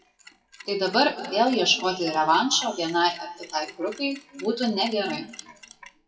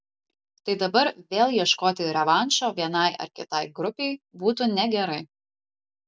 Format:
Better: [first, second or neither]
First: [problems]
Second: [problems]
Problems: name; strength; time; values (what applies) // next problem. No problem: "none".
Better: second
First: noise reduction (classical method WPE with log-MMSE)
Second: none